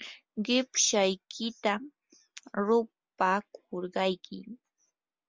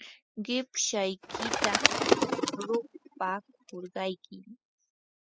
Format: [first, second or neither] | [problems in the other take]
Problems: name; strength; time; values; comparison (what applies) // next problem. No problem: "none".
first | noise reduction (classical method spectral subtraction)